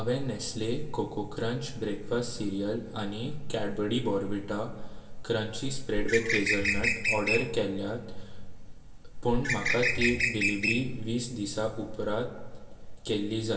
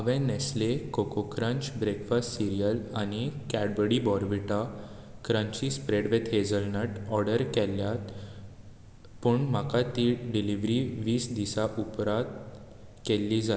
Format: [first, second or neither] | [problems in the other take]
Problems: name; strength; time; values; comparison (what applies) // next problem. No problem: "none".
second | background sound (Bird); 1 dB above the speech // room echo; dies away in 0.3 s